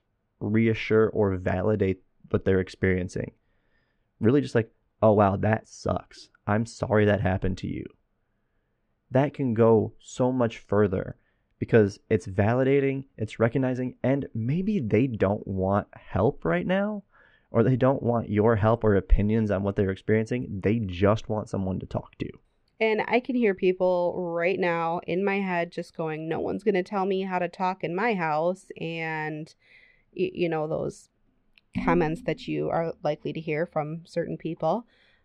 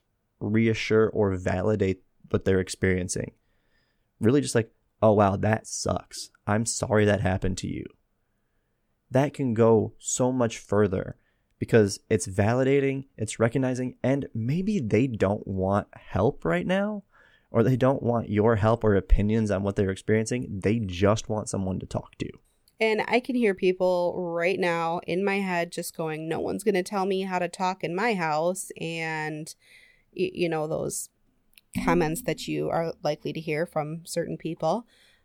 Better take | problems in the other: second | muffled; slightly; fading above 3 kHz

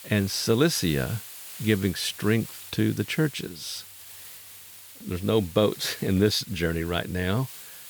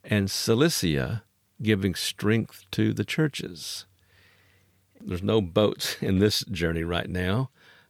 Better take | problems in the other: second | hiss; noticeable; throughout; 15 dB below the speech

